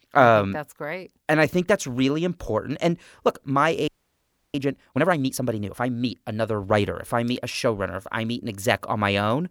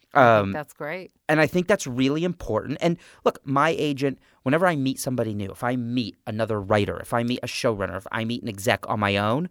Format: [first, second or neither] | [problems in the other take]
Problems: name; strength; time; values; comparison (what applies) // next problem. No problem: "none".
second | audio freezing; at 4 s for 0.5 s